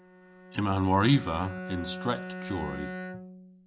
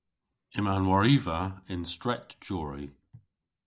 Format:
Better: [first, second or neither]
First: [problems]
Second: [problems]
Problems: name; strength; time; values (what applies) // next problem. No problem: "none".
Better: second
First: background sound (Bowed string instrument); 10 dB below the speech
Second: none